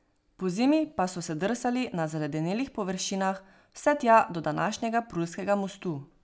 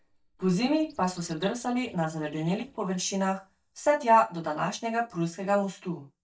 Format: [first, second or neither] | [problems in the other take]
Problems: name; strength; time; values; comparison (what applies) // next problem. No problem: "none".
first | noise reduction (neural mask model DeepFilterNet 3)